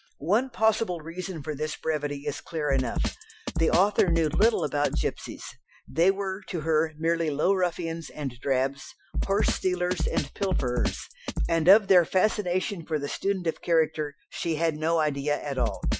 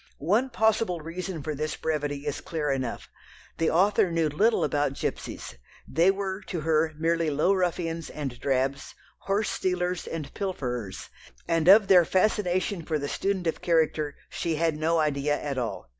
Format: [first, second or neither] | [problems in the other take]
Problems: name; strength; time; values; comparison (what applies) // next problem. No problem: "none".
second | noise reduction (classical method Wiener filter)